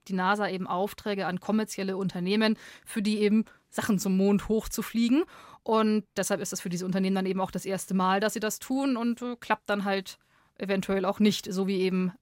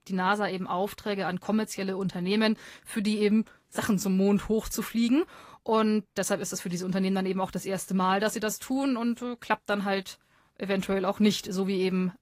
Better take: first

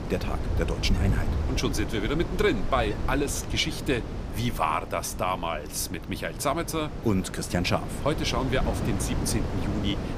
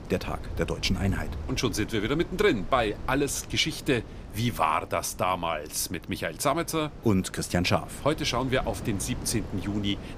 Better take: second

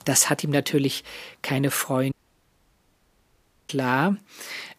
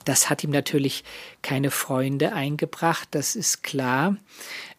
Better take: second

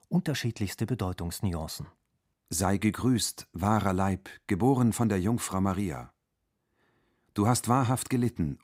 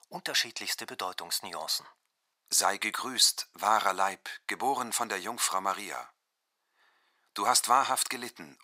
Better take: first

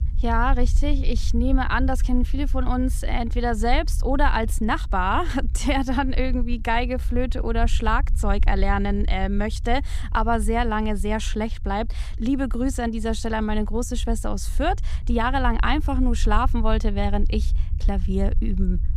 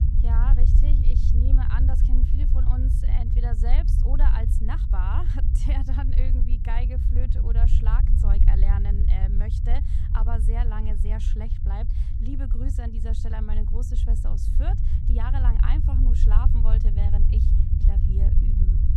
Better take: first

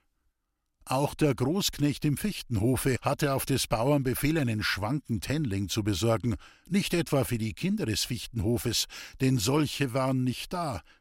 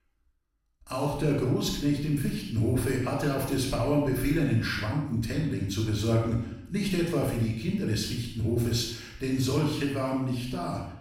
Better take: first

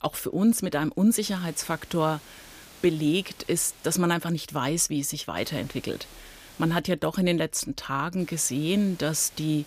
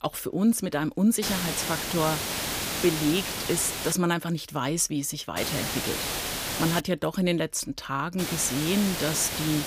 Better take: first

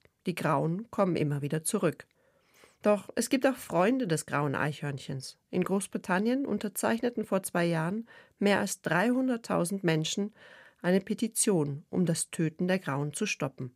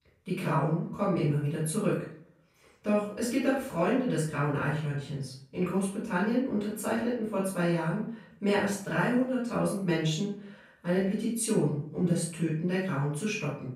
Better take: first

